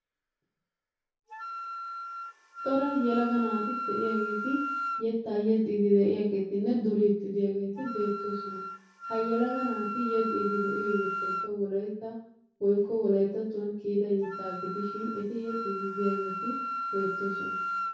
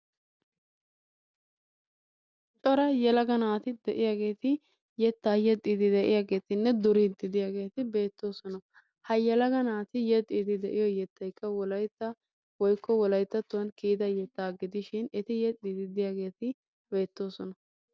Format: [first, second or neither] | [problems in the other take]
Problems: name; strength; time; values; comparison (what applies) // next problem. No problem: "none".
second | background sound (Wind instrument, woodwind instrument); 7 dB below the speech // room echo; dies away in 0.5 s